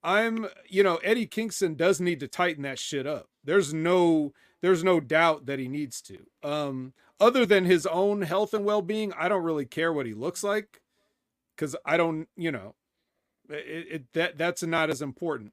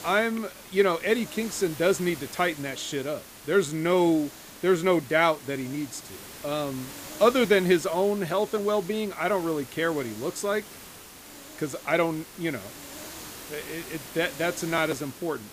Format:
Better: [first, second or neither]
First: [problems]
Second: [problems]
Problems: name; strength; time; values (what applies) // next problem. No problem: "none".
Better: first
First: none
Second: hiss; noticeable; throughout; 15 dB below the speech